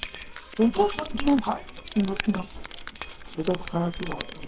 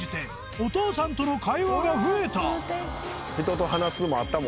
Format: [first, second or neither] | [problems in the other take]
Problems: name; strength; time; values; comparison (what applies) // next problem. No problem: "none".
second | noise reduction (neural separator model SepFormer WHAMR!)